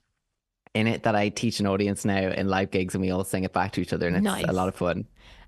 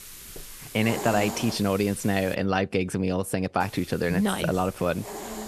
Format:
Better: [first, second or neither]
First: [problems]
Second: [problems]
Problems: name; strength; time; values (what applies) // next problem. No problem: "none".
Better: first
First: none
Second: hiss; noticeable; until 2.5 s and from 3.5 s on; 10 dB below the speech